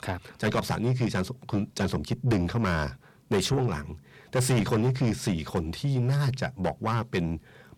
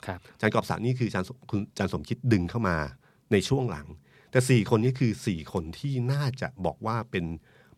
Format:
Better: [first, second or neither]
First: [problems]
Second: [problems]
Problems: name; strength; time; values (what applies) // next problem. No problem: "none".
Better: second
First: distortion; heavy; 7 dB below the speech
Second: none